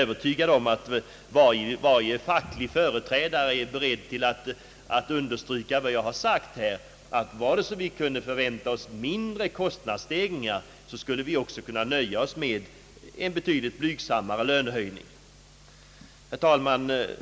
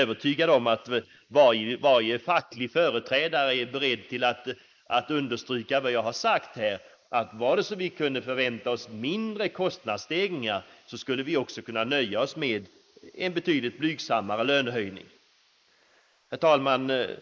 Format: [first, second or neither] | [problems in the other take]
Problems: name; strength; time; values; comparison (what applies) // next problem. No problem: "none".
first | noise reduction (neural mask model Resemble Enhance denoiser)